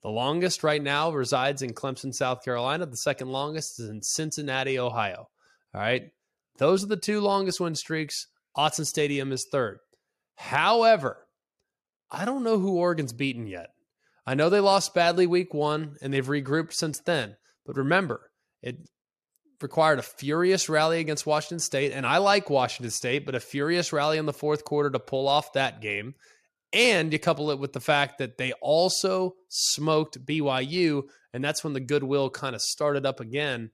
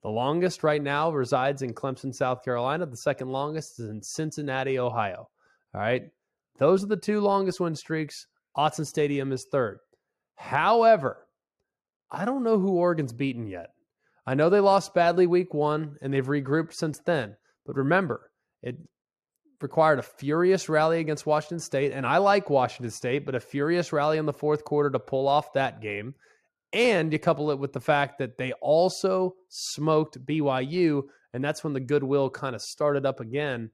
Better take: first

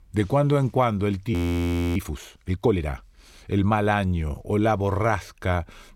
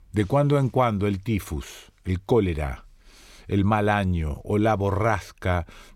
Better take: second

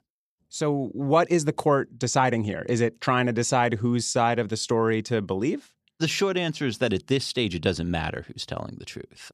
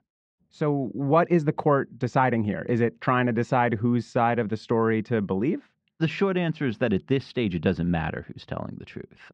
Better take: first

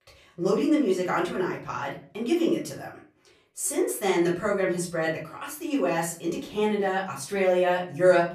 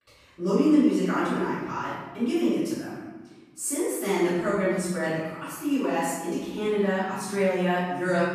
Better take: first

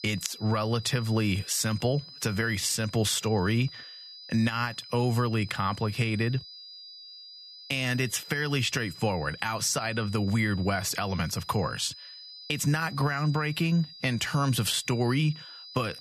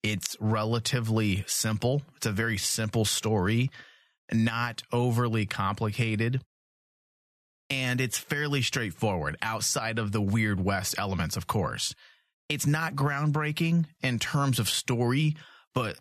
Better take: second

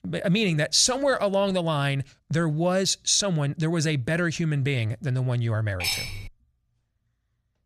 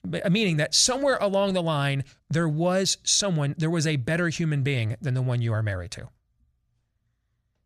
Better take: second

